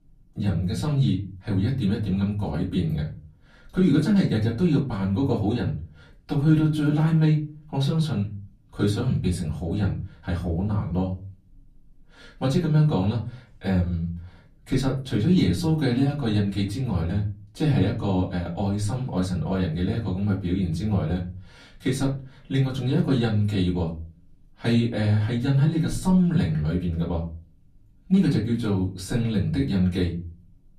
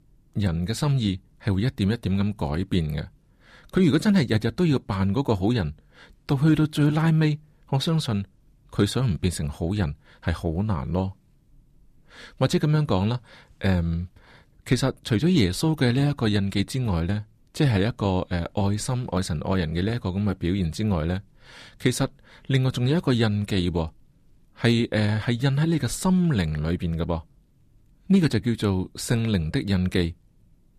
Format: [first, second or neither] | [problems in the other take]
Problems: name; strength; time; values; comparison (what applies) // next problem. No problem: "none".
second | off-mic speech; far // room echo; very slight; dies away in 0.4 s